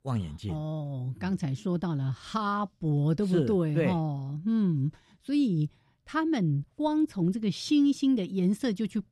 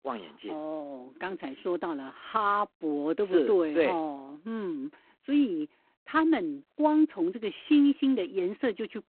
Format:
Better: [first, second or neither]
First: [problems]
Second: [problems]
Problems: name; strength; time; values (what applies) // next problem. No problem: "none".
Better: first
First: none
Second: phone-call audio; poor line